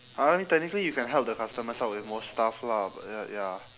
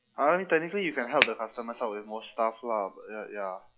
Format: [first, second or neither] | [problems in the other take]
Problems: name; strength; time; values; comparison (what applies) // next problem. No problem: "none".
first | noise reduction (classical method log-MMSE)